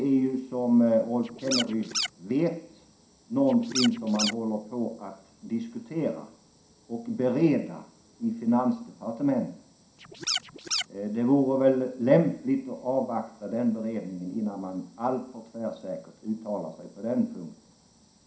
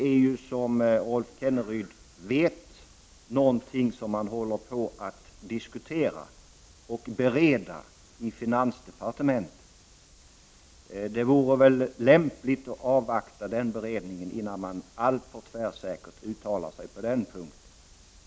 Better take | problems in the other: second | background sound (Scratching (performance technique)); 4 dB below the speech // room echo; dies away in 0.5 s

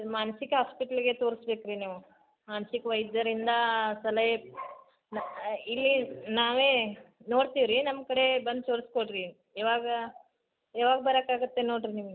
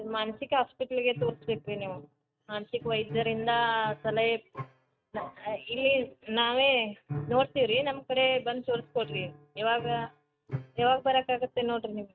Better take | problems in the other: first | noise reduction (neural mask model RNNoise)

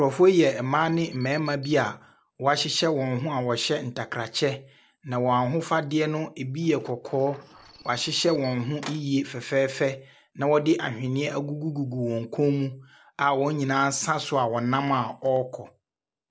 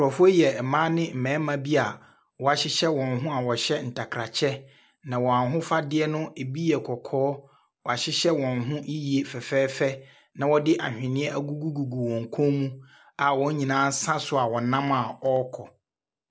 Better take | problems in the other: second | background sound (Sliding door + Alarm); 20 dB below the speech

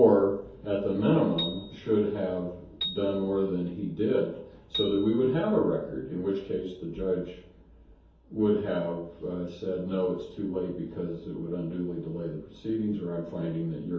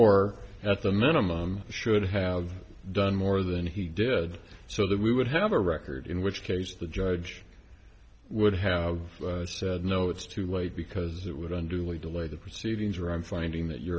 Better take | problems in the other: second | background sound (Piano); 12 dB below the speech // room echo; dies away in 0.6 s

